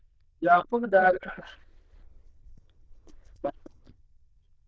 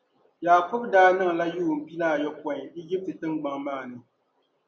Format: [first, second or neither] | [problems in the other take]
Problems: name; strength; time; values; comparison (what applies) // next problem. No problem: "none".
second | noise reduction (neural diffusion model UNIVERSE++)